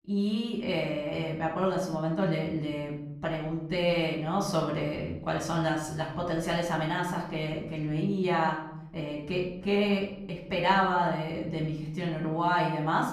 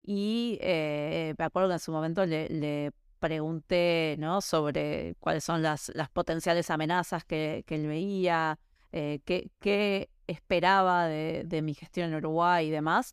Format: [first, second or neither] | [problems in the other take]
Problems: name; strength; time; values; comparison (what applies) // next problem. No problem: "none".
second | off-mic speech; far // room echo; noticeable; dies away in 1 s